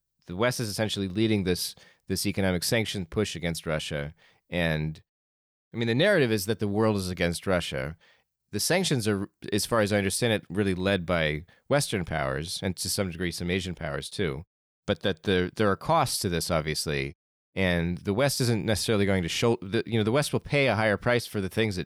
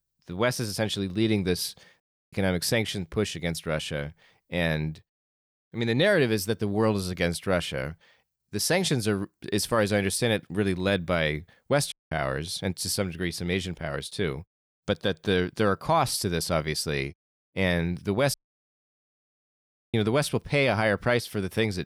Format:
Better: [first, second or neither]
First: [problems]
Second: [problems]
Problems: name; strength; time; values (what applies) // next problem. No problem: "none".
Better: first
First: none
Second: audio cutting out; at 2 s, at 12 s and at 18 s for 1.5 s